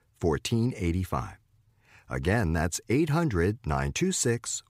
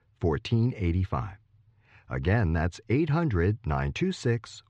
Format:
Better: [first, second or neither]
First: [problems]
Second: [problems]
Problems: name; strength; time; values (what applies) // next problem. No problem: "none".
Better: first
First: none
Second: muffled; slightly; fading above 4 kHz